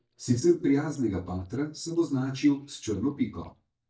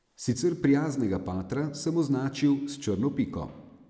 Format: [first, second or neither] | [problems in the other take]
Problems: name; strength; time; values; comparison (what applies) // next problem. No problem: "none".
second | noise reduction (neural mask model DeepFilterNet 3)